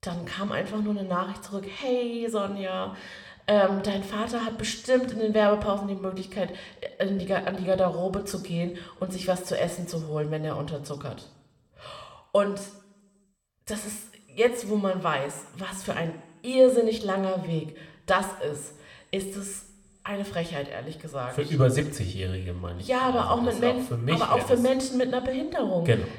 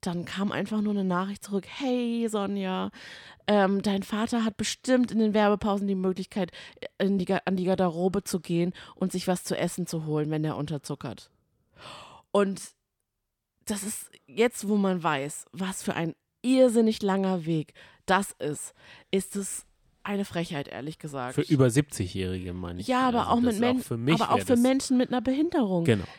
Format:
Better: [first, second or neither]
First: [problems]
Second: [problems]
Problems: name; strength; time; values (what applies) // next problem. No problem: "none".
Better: second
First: room echo; very slight; dies away in 0.6 s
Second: none